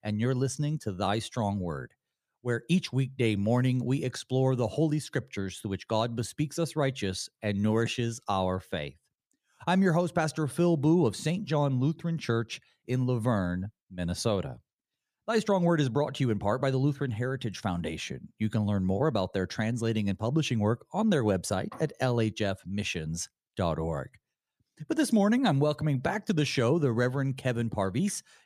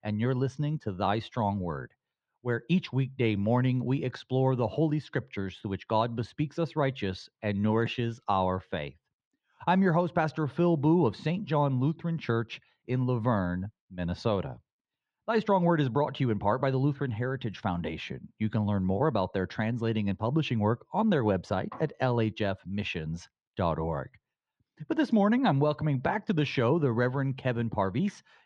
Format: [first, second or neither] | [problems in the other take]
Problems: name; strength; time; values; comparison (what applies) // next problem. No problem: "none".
first | muffled; slightly; fading above 3.5 kHz